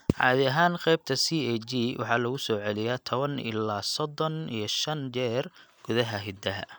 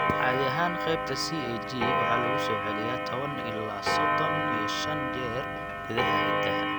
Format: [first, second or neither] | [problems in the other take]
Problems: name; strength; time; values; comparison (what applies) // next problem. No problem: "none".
first | background sound (Clock); 5 dB above the speech